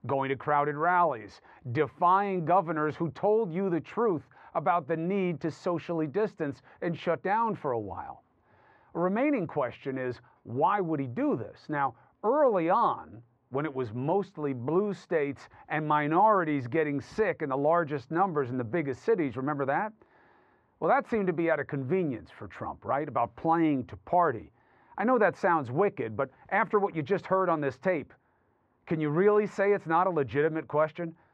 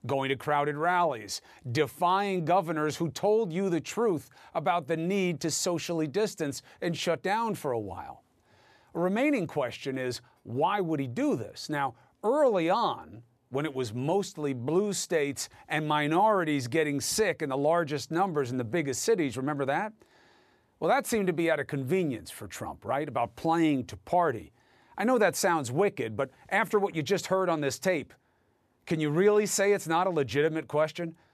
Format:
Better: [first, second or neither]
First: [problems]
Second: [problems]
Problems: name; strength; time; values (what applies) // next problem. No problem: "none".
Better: second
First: muffled; very; fading above 1.5 kHz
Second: none